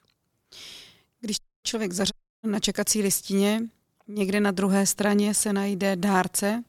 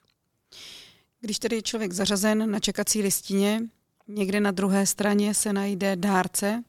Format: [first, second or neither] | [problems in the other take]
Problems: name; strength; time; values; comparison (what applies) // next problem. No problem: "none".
second | audio cutting out; at 1.5 s and at 2 s